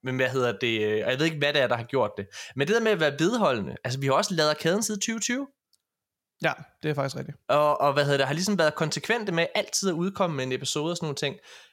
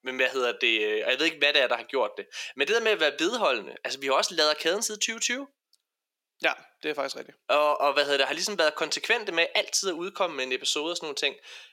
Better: first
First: none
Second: thin; somewhat; fading below 300 Hz

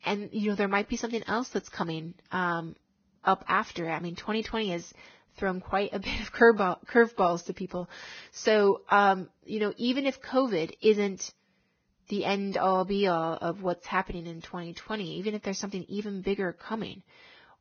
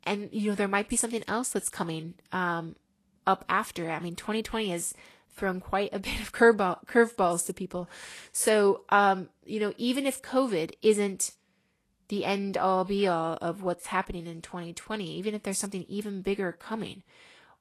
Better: second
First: garbled, watery; badly; nothing above 6.5 kHz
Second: garbled, watery; slightly; nothing above 11.5 kHz

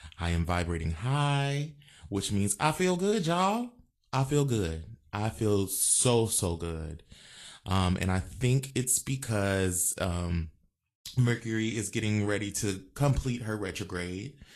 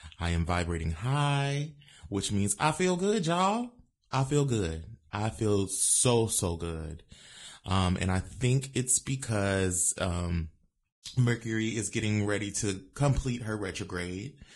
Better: first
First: garbled, watery; slightly; nothing above 11.5 kHz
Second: garbled, watery; badly; nothing above 10.5 kHz

